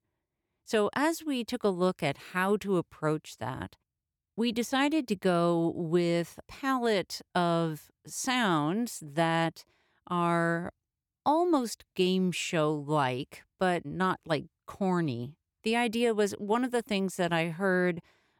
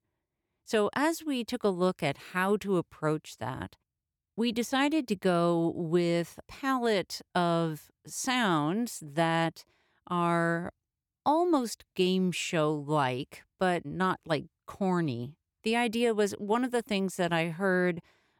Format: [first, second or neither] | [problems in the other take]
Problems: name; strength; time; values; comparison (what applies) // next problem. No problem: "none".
neither | none